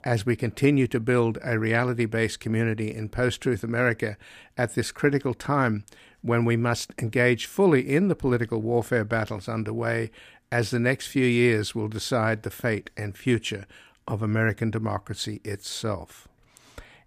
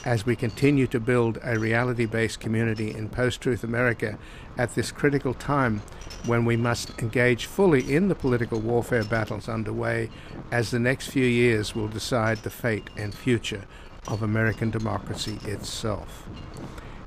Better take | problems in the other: first | wind noise on the microphone; occasional gusts; 20 dB below the speech

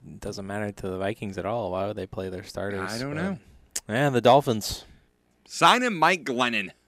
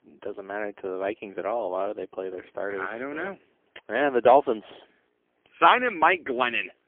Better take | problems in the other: first | phone-call audio; poor line; nothing above 3.5 kHz

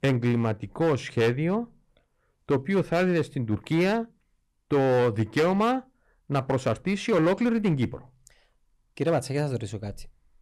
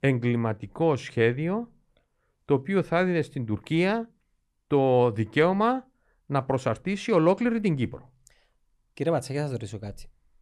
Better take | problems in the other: second | distortion; slight; 6% of the sound clipped

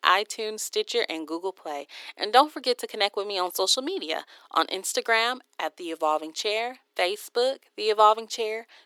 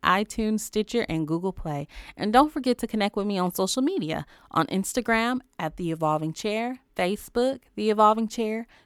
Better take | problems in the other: second | thin; very; fading below 350 Hz

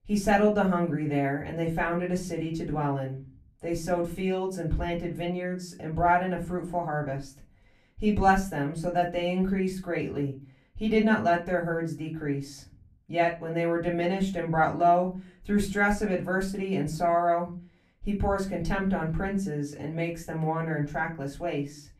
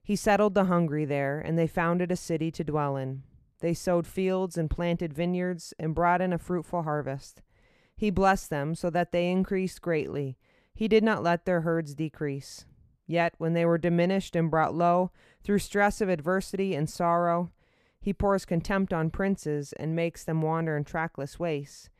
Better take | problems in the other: second | off-mic speech; far // room echo; very slight; dies away in 0.3 s

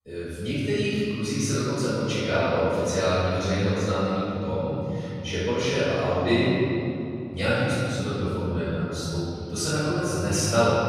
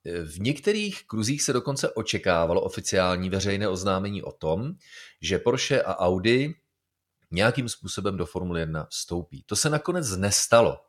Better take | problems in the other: second | off-mic speech; far // room echo; strong; dies away in 3 s

